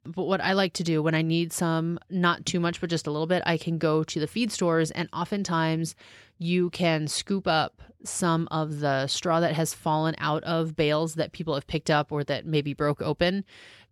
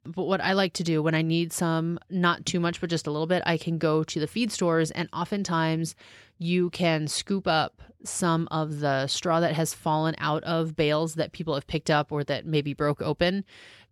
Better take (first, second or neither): neither